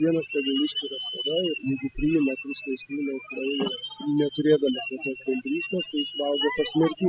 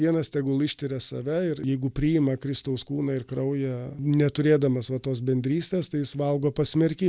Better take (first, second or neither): second